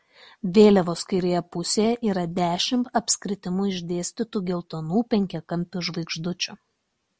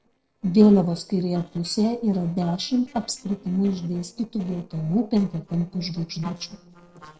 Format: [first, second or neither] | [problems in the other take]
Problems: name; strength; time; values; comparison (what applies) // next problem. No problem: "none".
first | noise reduction (neural separator model SepFormer DNS4)